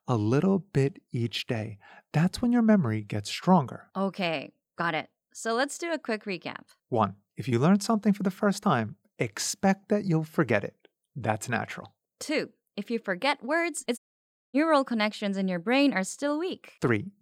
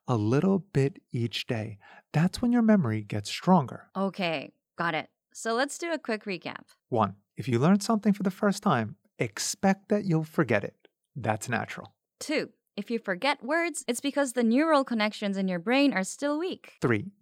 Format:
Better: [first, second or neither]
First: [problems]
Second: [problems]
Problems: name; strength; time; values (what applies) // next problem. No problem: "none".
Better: second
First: audio cutting out; at 14 s for 0.5 s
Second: none